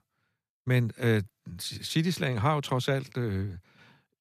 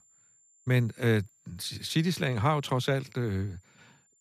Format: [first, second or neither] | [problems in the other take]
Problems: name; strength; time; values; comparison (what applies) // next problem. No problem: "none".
first | high-pitched whine; faint; throughout; 7.5 kHz, 35 dB below the speech